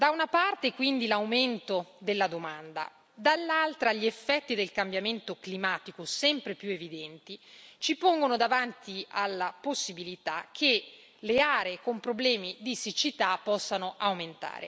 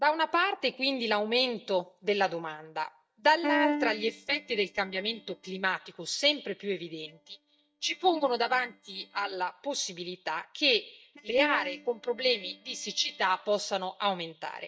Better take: first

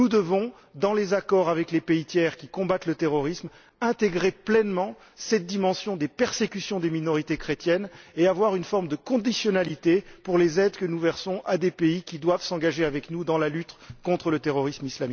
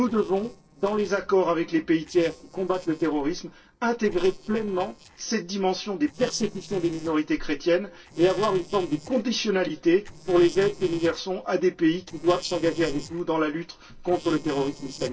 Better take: first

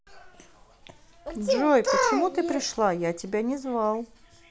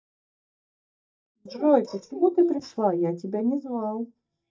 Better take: first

